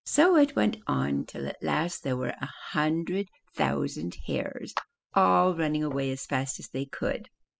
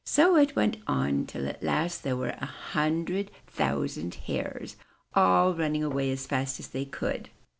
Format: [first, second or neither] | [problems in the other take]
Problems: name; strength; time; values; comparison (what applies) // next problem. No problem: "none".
second | noise reduction (classical method spectral subtraction)